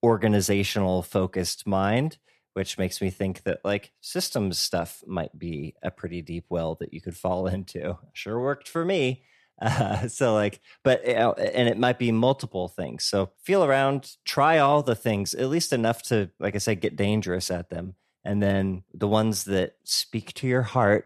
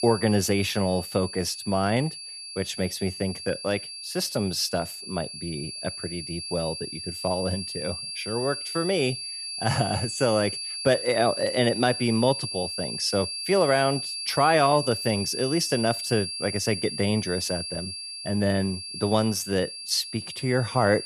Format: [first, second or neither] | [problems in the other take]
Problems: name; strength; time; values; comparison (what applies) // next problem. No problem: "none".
first | high-pitched whine; loud; throughout; 4.5 kHz, 6 dB below the speech